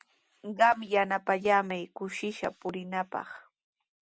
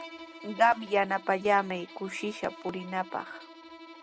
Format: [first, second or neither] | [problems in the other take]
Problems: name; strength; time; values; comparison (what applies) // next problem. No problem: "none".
first | background sound (Bowed string instrument); 17 dB below the speech